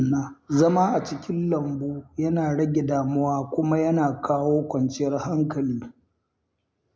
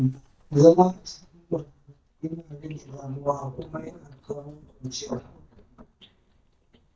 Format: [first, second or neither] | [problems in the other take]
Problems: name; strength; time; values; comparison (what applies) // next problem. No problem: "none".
first | noise reduction (neural mask model DeepFilterNet 3)